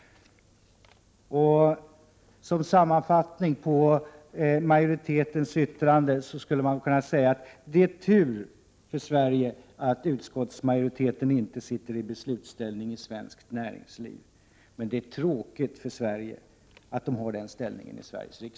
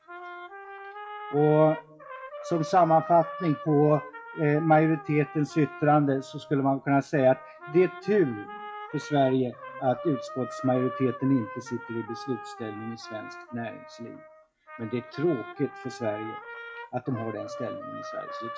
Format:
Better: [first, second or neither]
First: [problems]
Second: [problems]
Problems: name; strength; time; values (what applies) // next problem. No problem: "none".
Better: first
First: none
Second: noise reduction (classical method WPE with log-MMSE)